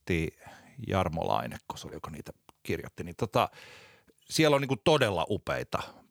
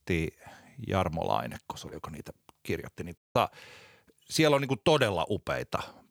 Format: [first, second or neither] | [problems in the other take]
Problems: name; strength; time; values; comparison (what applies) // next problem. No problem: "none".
first | audio cutting out; at 3 s